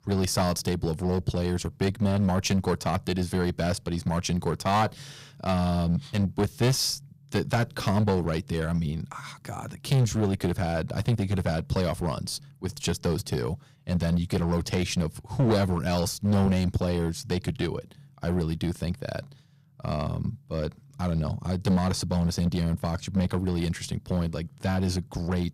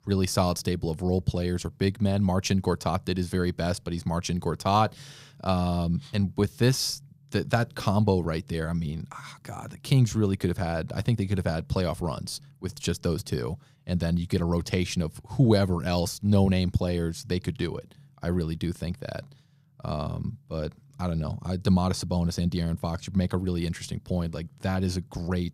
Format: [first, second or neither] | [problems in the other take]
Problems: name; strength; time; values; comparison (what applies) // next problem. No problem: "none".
second | distortion; slight; 6% of the sound clipped